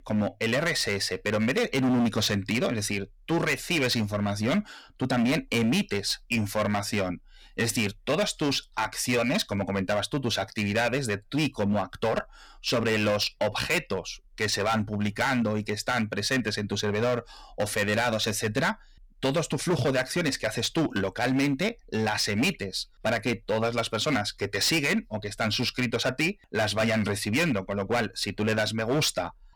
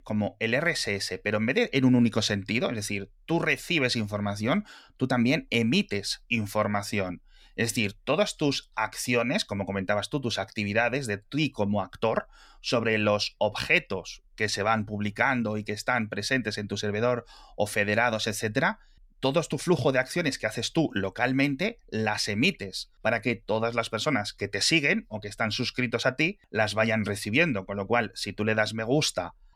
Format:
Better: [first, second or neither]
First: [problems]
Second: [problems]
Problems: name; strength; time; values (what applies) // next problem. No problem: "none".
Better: second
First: distortion; heavy; 11% of the sound clipped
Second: none